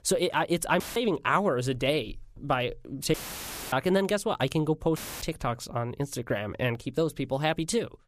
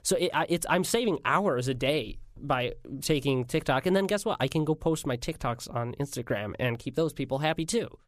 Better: second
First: audio cutting out; filled with static; at 1 s, at 3 s for 0.5 s and at 5 s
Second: none

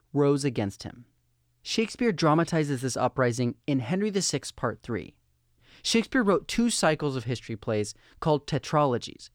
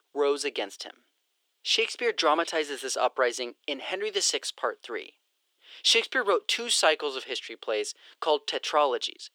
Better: first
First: none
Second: thin; very; fading below 400 Hz

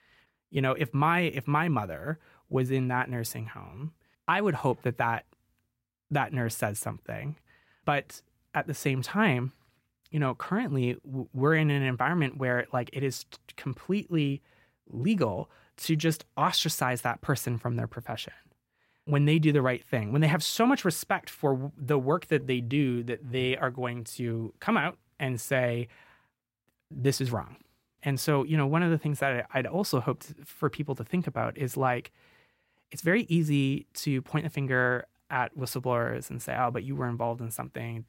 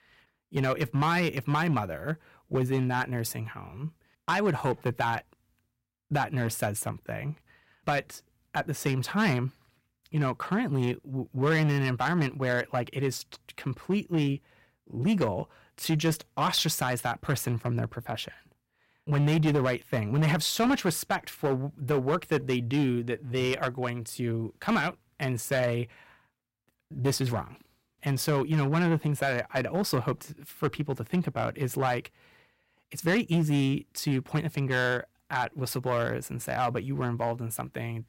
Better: first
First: none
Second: distortion; slight; 5% of the sound clipped

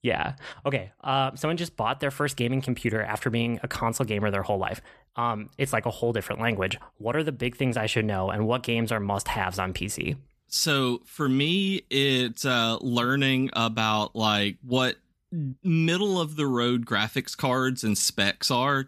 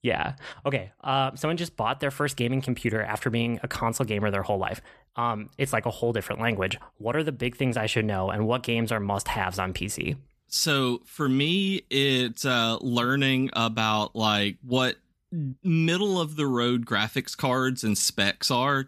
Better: neither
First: none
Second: none

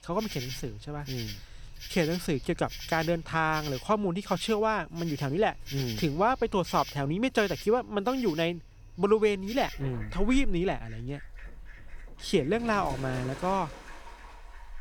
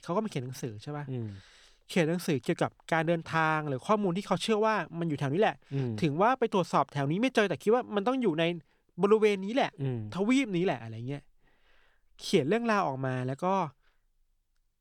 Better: second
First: animal sounds; noticeable; throughout; 15 dB below the speech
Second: none

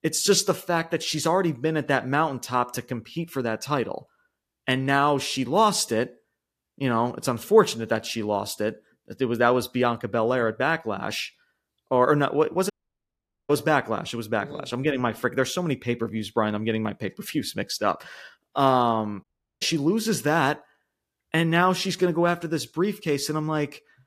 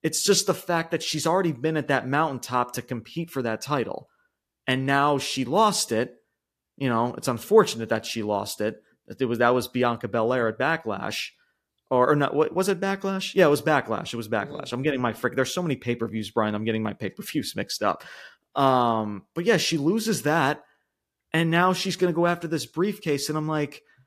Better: second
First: audio cutting out; at 13 s for 1 s and at 19 s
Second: none

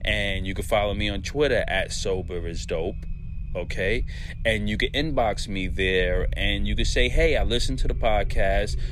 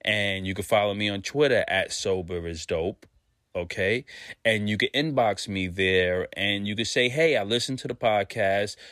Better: second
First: low rumble; faint; throughout; 25 dB below the speech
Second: none

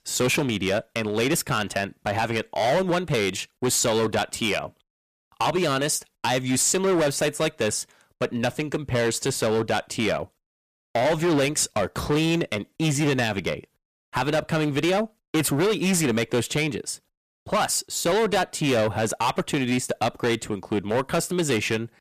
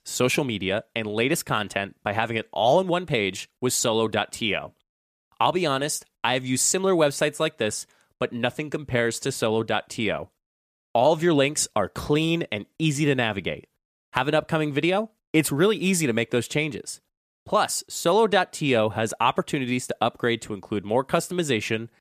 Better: second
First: distortion; heavy; 14% of the sound clipped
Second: none

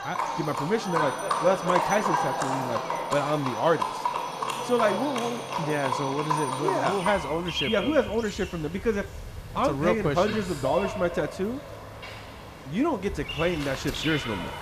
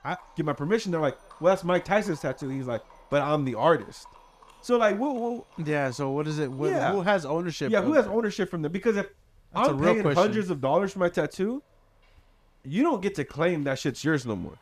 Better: second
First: animal sounds; loud; throughout; 3 dB below the speech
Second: animal sounds; faint; throughout; 30 dB below the speech

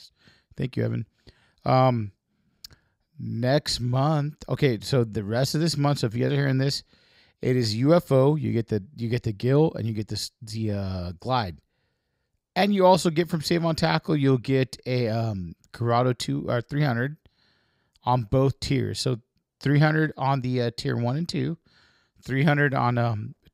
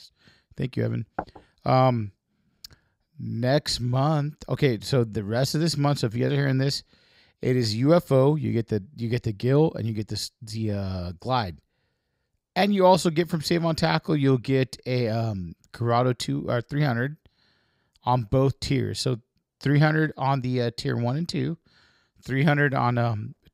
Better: first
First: none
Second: door banging; faint; at 1 s; peak 10 dB below the speech

